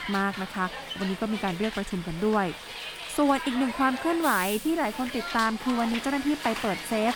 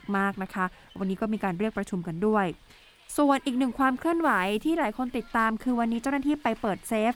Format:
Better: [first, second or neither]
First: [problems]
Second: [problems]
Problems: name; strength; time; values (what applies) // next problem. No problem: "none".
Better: second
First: hiss; loud; throughout; 8 dB below the speech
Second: hiss; faint; throughout; 25 dB below the speech